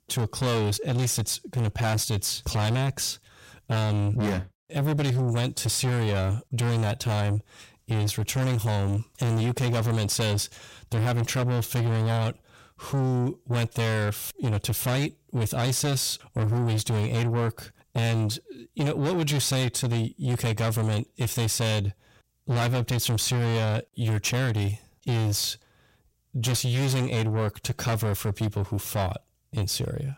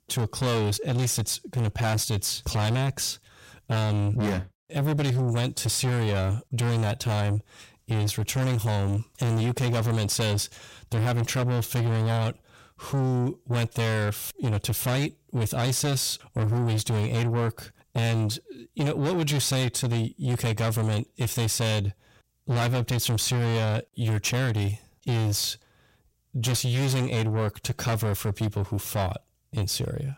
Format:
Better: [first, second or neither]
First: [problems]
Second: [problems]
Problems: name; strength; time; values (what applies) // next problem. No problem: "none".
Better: neither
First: distortion; heavy; 7 dB below the speech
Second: distortion; heavy; 7 dB below the speech